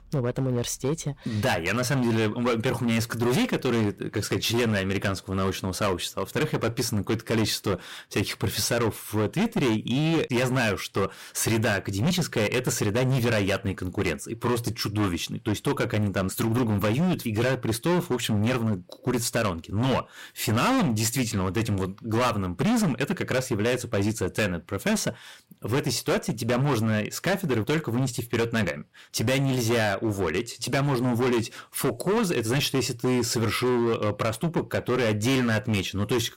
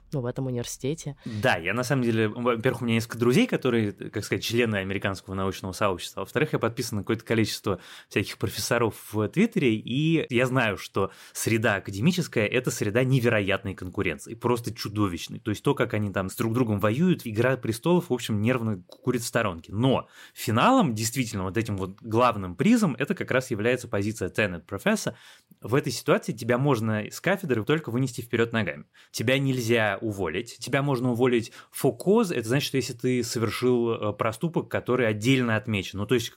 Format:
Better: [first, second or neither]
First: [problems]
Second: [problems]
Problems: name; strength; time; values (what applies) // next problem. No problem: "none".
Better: second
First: distortion; heavy; 18% of the sound clipped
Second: none